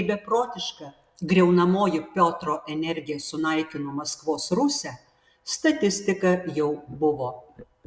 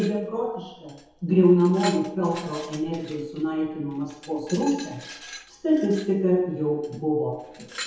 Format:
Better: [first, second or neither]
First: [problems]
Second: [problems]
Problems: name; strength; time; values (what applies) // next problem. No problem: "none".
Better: first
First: none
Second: background sound (Glass); 18 dB below the speech // room echo; dies away in 1 s